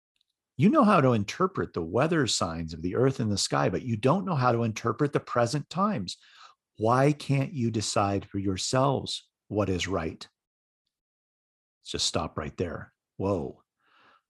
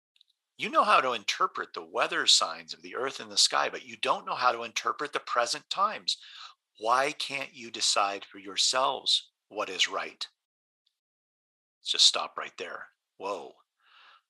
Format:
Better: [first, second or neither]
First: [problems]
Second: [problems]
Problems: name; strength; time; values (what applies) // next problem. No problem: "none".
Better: first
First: none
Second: thin; very; fading below 850 Hz